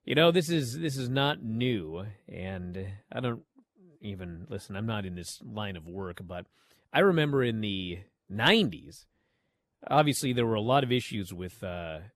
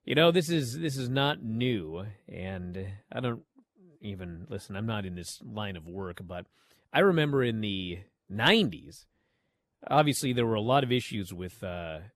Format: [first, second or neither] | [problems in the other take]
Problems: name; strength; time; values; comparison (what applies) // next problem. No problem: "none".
neither | none